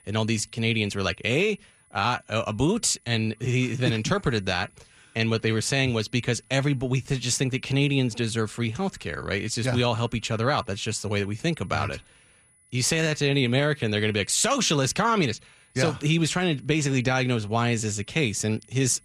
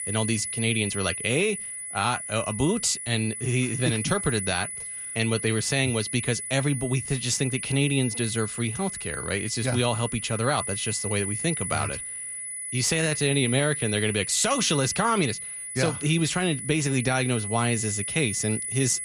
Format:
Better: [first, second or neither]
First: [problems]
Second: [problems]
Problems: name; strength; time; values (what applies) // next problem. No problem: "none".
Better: first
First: high-pitched whine; faint; throughout; 10 kHz, 30 dB below the speech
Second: high-pitched whine; loud; throughout; 10 kHz, 5 dB below the speech